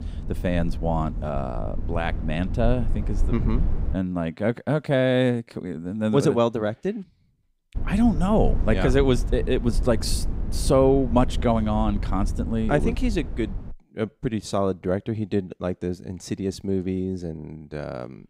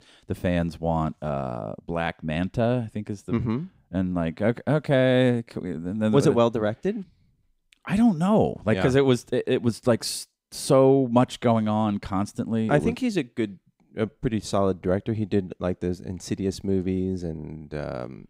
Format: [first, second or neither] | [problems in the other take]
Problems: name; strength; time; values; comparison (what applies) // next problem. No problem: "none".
second | low rumble; noticeable; until 4 s and from 8 to 14 s; 15 dB below the speech